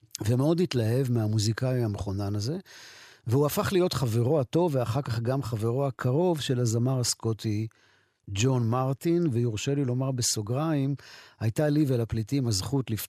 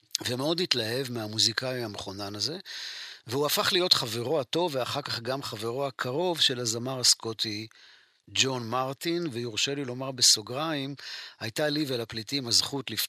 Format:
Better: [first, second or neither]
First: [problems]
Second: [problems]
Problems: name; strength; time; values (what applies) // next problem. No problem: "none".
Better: first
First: none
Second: thin; somewhat; fading below 650 Hz